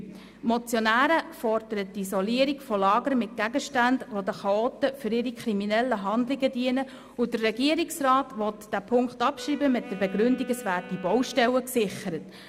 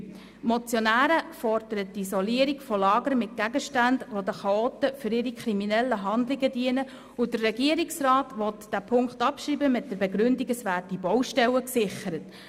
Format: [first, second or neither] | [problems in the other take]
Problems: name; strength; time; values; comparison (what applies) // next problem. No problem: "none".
second | background sound (Wind instrument, woodwind instrument); 19 dB below the speech